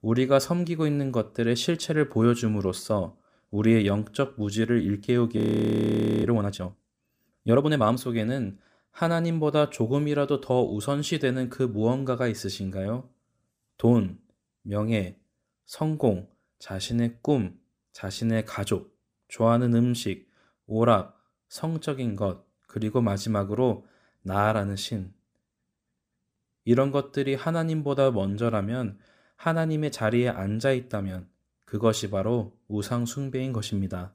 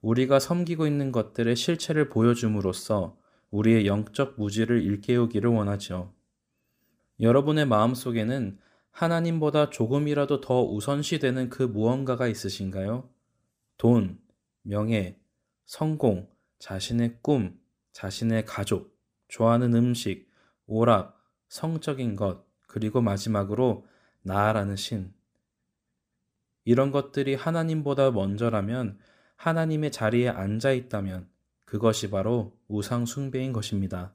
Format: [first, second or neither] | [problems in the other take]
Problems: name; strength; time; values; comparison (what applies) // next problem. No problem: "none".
second | audio freezing; at 5.5 s for 1 s